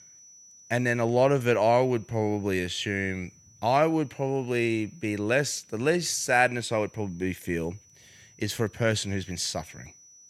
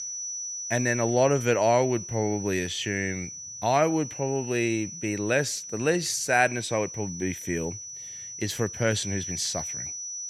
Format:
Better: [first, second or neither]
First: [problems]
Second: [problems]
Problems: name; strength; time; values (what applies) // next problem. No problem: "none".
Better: first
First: high-pitched whine; faint; throughout; 6 kHz, 25 dB below the speech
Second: high-pitched whine; loud; throughout; 6 kHz, 8 dB below the speech